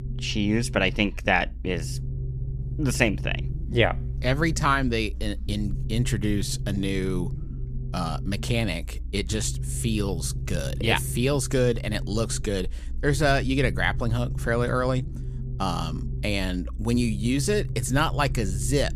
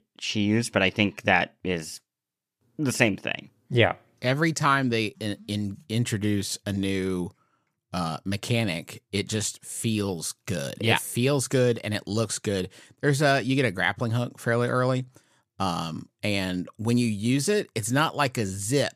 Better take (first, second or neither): second